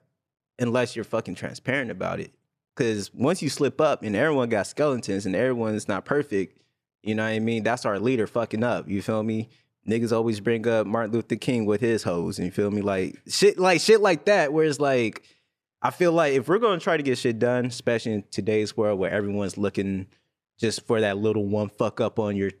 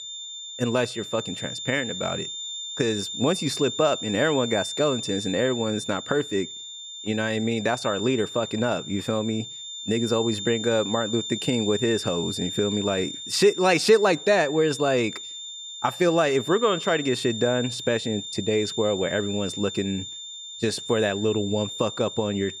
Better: first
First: none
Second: high-pitched whine; loud; throughout; 3.5 kHz, 8 dB below the speech

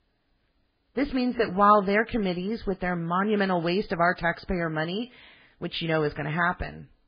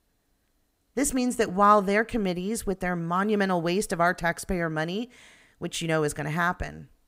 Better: second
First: garbled, watery; badly; nothing above 4.5 kHz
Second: none

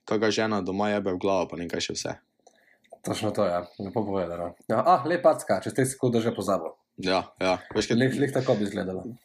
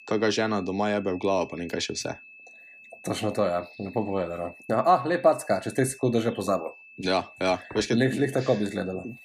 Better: first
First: none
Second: high-pitched whine; faint; throughout; 2.5 kHz, 20 dB below the speech

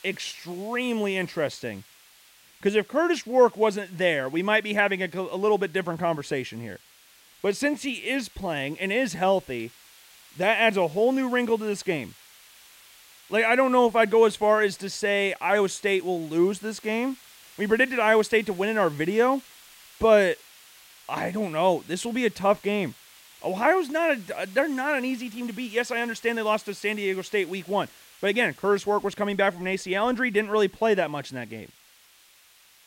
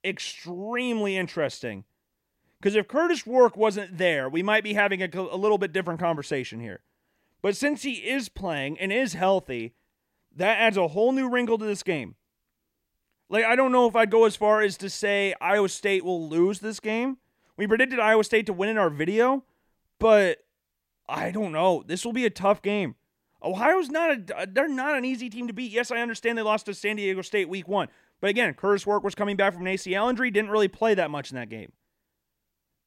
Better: second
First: hiss; faint; throughout; 25 dB below the speech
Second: none

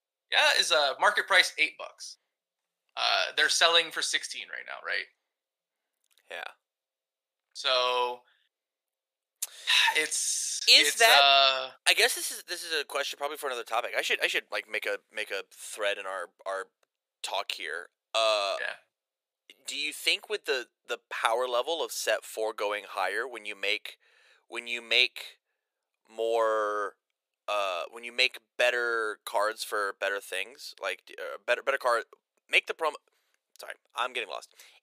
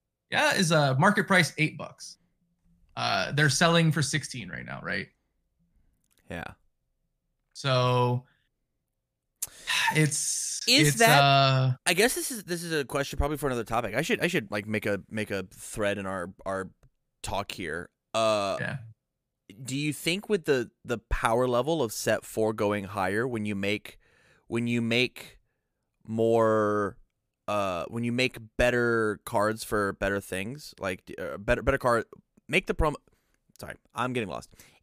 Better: second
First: thin; very; fading below 450 Hz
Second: none

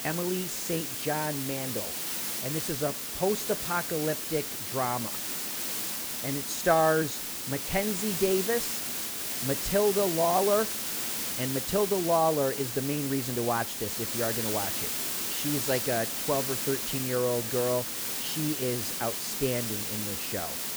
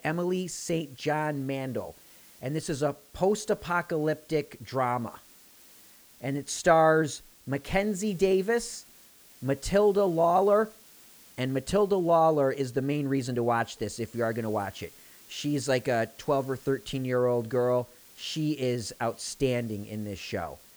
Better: second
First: hiss; loud; throughout; 1 dB below the speech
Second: hiss; faint; throughout; 25 dB below the speech

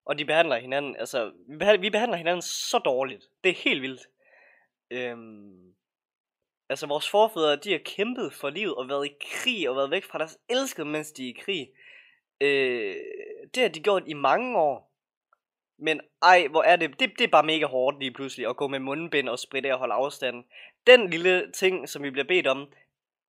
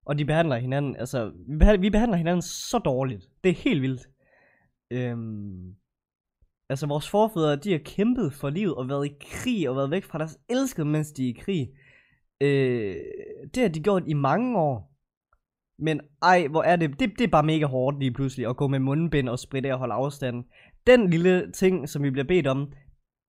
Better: second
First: thin; somewhat; fading below 500 Hz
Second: none

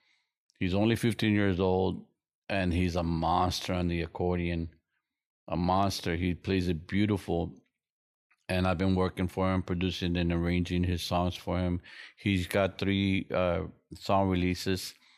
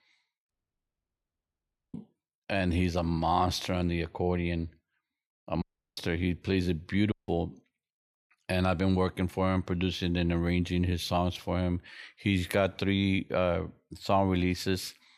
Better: first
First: none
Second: audio cutting out; at 0.5 s for 1.5 s, at 5.5 s and at 7 s

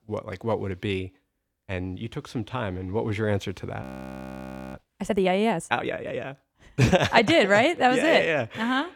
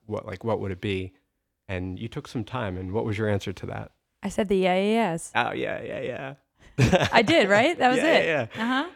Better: second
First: audio freezing; at 4 s for 1 s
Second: none

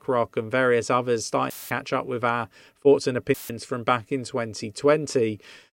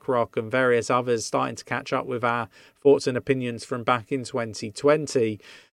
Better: second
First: audio cutting out; filled with static; at 1.5 s and at 3.5 s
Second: none

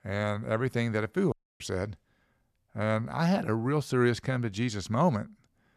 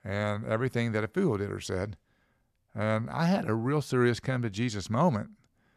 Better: second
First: audio cutting out; at 1.5 s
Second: none

